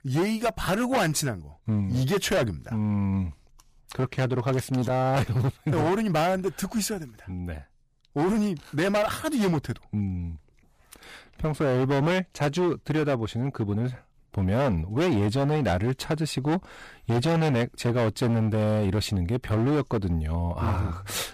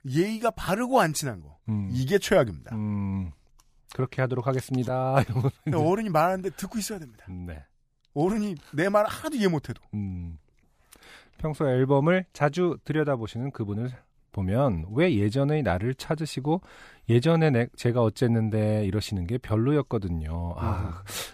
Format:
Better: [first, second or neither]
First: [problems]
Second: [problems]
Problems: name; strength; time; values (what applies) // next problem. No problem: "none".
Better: second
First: distortion; heavy; 15% of the sound clipped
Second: none